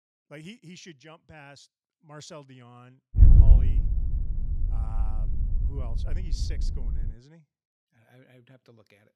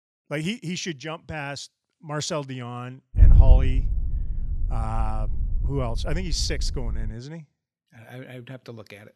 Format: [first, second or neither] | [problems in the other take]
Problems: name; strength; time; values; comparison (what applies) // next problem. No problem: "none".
second | wind noise on the microphone; heavy; from 3 to 7 s; 3 dB above the speech; occasional gusts in the second